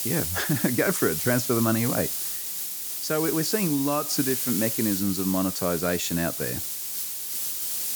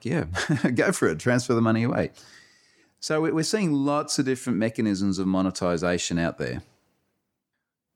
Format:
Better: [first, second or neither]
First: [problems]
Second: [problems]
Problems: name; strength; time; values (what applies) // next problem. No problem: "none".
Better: second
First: hiss; loud; throughout; 1 dB below the speech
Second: none